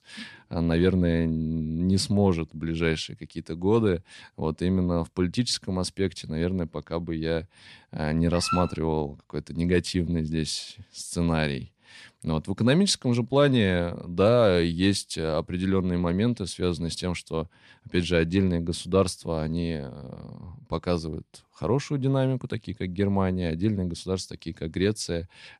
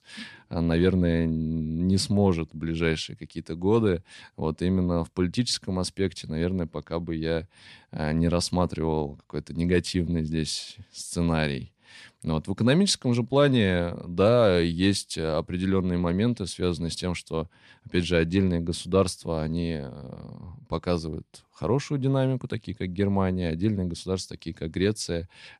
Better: second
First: dog barking; noticeable; at 8.5 s; peak 5 dB below the speech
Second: none

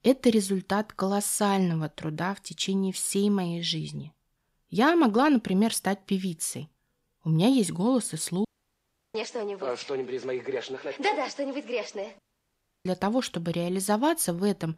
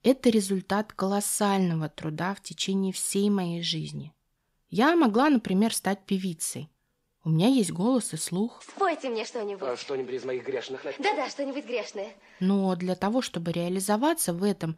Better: second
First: audio cutting out; at 8.5 s for 0.5 s and at 12 s for 0.5 s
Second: none

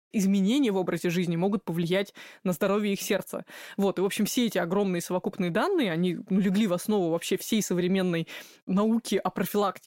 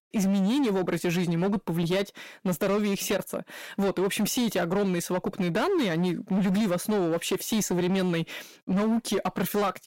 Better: first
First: none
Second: distortion; slight; 21% of the sound clipped

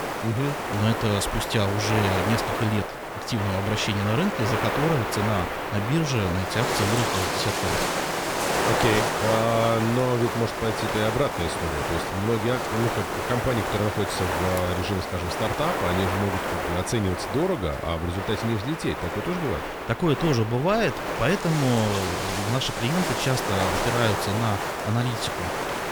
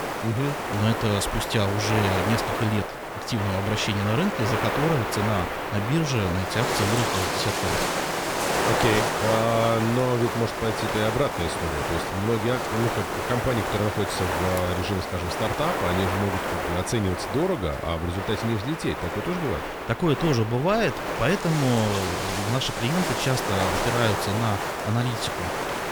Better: neither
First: wind noise on the microphone; heavy; 2 dB above the speech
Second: wind noise on the microphone; heavy; 2 dB above the speech

